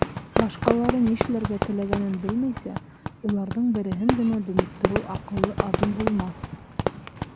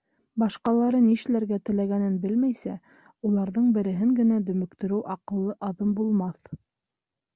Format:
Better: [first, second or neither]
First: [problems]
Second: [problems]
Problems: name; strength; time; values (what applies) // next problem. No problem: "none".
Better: second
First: background sound (Fireworks); 1 dB below the speech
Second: none